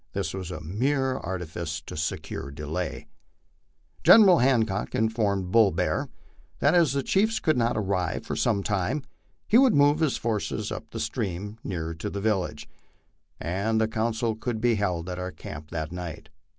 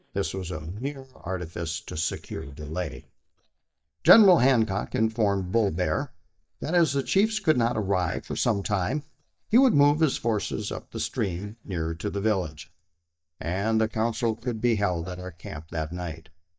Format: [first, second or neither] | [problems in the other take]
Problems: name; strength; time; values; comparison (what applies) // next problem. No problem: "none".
first | noise reduction (neural mask model DeepFilterNet 3)